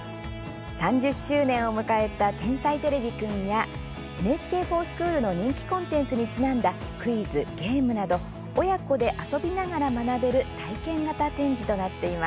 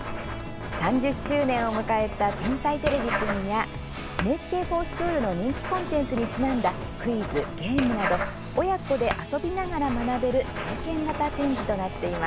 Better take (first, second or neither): first